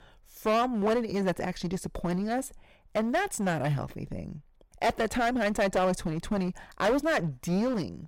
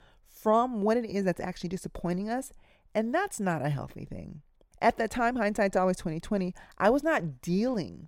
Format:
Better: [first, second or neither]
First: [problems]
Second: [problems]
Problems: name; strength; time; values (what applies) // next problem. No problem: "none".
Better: second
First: distortion; heavy; 10% of the sound clipped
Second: none